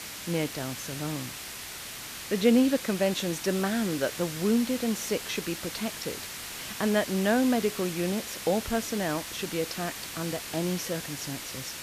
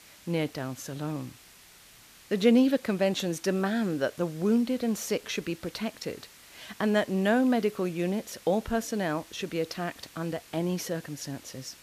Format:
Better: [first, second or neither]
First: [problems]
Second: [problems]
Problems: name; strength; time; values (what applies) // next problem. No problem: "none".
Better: second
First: hiss; loud; throughout; 7 dB below the speech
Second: hiss; faint; throughout; 20 dB below the speech